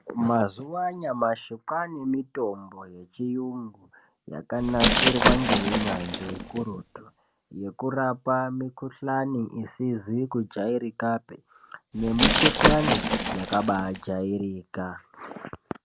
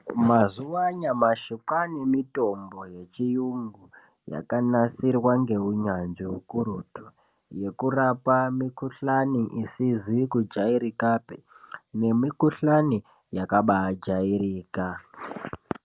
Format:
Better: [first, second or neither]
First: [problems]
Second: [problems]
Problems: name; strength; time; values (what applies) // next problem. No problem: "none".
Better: second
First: background sound (Glass); 3 dB above the speech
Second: none